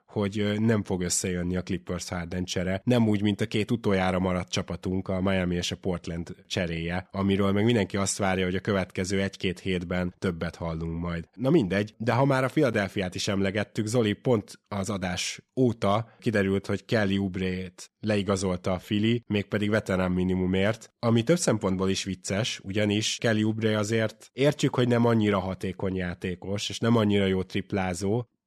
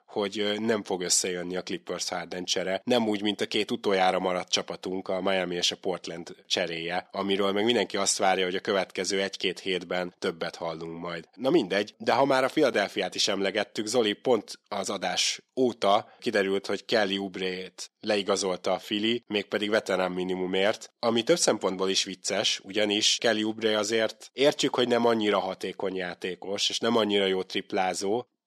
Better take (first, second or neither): first